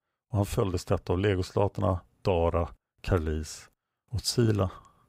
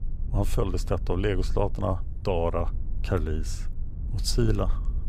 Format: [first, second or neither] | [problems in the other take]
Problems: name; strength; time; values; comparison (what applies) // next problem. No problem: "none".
first | low rumble; faint; throughout; 20 dB below the speech